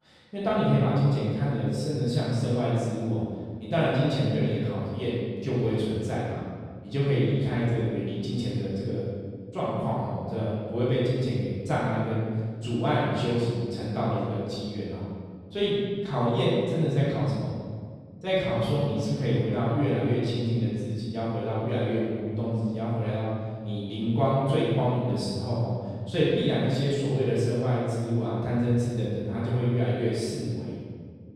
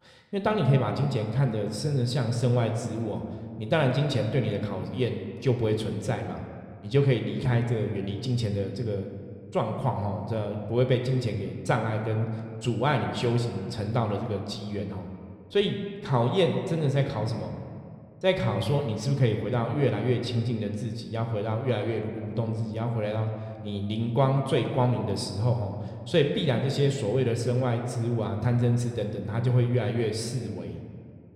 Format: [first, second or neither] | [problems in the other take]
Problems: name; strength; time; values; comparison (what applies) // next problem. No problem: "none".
second | room echo; strong; dies away in 1.7 s; slight in the second // off-mic speech; far